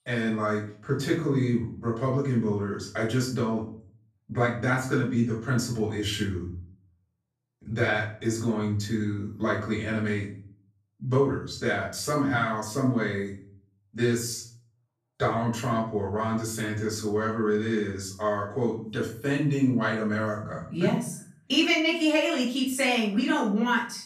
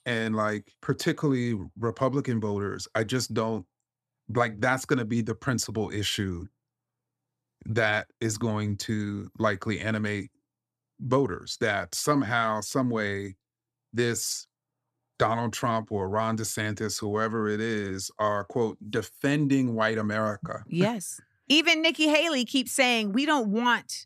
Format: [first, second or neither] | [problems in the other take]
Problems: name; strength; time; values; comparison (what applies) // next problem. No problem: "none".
second | off-mic speech; far // room echo; noticeable; dies away in 0.5 s